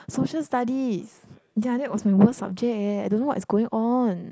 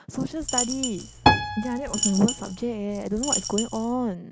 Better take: first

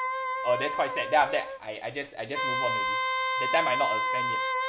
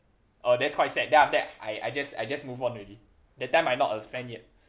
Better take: second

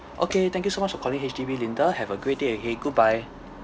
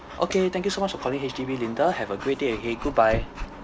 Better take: first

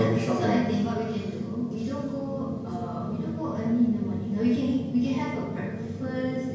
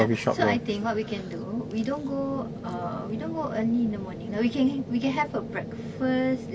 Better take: second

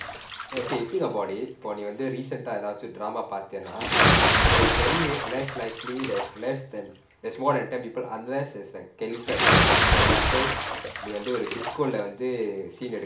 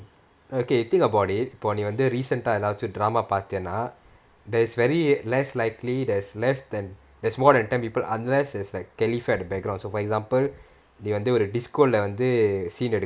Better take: second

